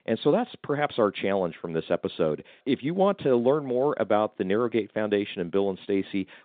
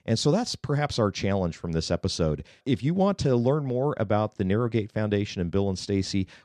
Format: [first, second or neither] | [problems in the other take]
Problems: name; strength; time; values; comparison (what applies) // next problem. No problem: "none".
second | phone-call audio; nothing above 3.5 kHz